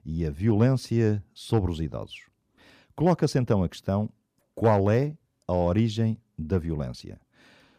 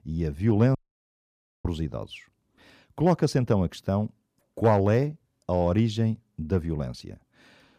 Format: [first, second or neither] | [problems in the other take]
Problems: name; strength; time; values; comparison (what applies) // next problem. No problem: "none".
first | audio cutting out; at 1 s for 1 s